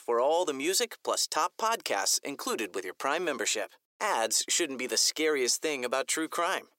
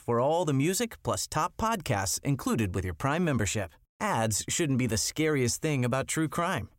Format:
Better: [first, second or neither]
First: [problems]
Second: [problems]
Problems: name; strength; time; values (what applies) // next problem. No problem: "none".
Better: second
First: thin; very; fading below 350 Hz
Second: none